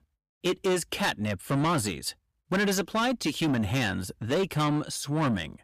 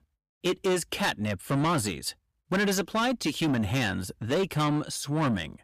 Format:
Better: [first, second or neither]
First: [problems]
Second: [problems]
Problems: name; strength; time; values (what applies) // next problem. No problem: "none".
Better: neither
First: distortion; heavy; 8 dB below the speech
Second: distortion; heavy; 8 dB below the speech